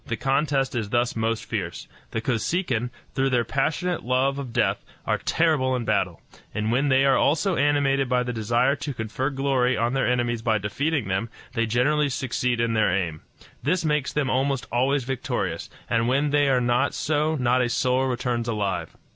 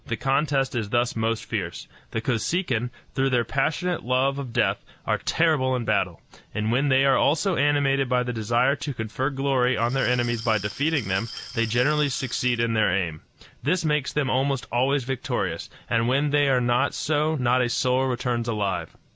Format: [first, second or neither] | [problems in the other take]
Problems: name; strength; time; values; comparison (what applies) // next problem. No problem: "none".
first | background sound (Glass); 15 dB below the speech